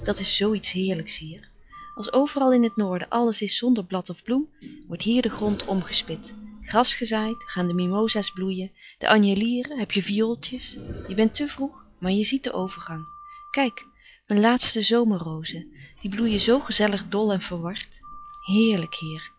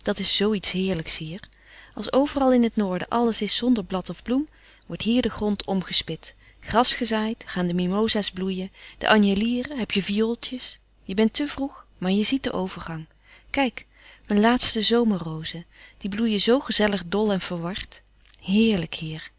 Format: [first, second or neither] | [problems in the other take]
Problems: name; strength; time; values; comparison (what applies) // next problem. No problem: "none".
second | noise reduction (classical method log-MMSE)